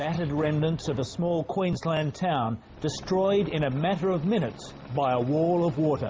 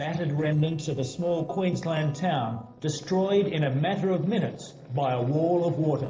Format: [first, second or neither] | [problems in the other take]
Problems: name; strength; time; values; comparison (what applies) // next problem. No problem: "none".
first | noise reduction (neural separator model SepFormer DNS4)